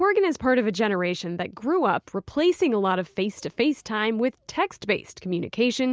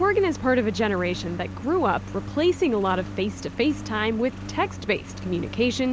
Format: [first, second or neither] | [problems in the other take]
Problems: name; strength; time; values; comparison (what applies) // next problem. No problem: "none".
first | background sound (Engine); 11 dB below the speech